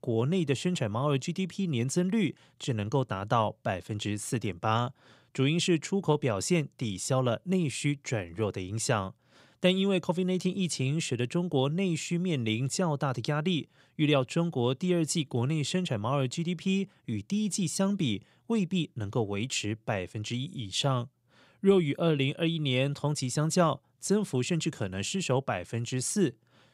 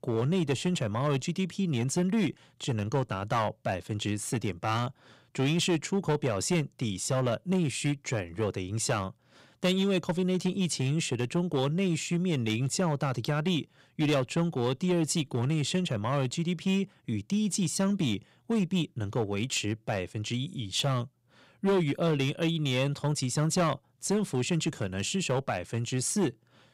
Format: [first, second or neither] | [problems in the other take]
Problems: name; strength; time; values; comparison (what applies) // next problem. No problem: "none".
first | distortion; slight; 6% of the sound clipped